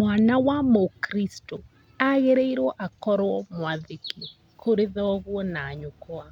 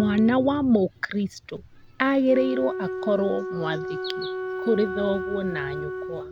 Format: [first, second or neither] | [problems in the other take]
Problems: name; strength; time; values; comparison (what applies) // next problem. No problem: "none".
first | background sound (Wind instrument, woodwind instrument); 8 dB below the speech